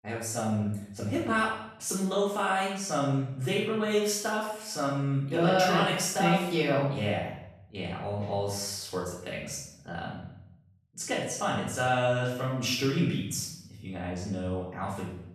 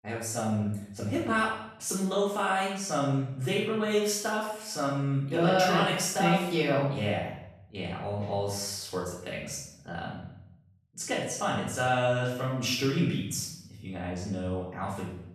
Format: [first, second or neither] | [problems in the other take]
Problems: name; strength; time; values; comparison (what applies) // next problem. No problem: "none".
neither | off-mic speech; far; the same in both // room echo; noticeable; dies away in 0.7 s; the same in both